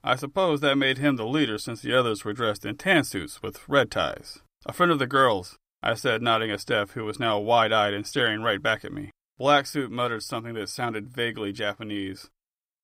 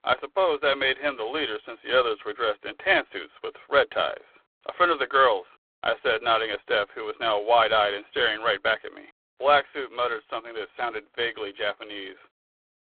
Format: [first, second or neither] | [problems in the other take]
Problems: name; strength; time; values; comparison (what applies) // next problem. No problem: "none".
first | phone-call audio; poor line